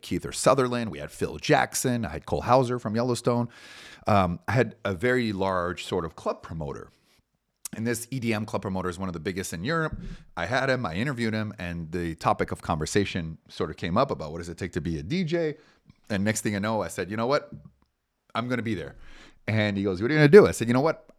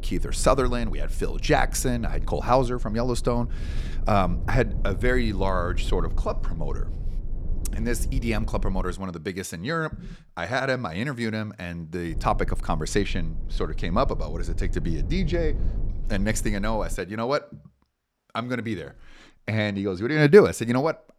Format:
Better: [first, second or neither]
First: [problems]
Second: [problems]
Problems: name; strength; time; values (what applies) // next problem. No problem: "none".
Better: first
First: none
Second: low rumble; faint; until 9 s and from 12 to 17 s; 20 dB below the speech